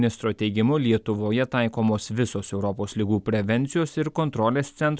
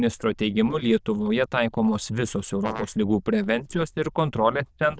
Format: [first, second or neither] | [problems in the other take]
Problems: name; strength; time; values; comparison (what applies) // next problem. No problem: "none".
first | noise reduction (neural diffusion model UNIVERSE++)